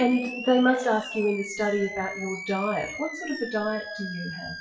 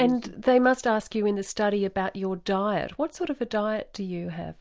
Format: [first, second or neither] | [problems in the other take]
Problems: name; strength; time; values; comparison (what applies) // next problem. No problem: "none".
second | noise reduction (classical method WPE with log-MMSE)